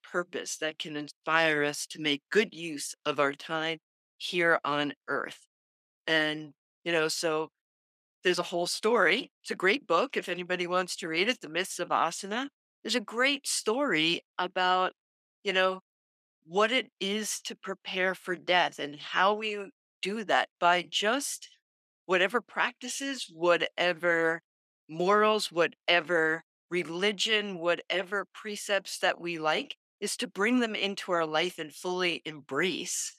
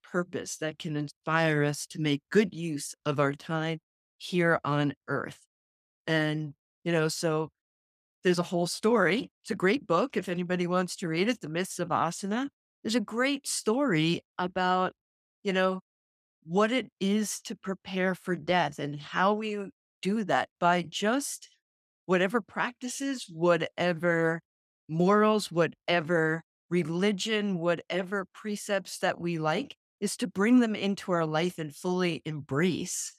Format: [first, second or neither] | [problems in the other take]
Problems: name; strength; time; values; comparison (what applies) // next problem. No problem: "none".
second | thin; somewhat; fading below 350 Hz